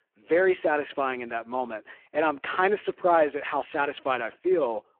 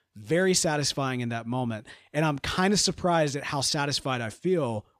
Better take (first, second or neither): second